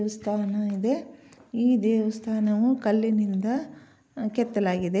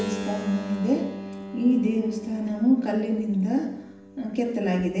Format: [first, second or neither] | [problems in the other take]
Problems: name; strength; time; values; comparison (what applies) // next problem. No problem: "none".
first | background sound (Keyboard (musical)); 11 dB below the speech // room echo; dies away in 0.8 s